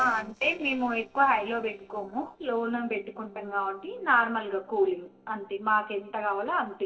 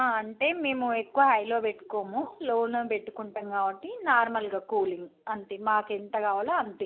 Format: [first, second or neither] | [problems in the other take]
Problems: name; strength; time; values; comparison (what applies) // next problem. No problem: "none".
second | noise reduction (neural separator model SepFormer DNS4)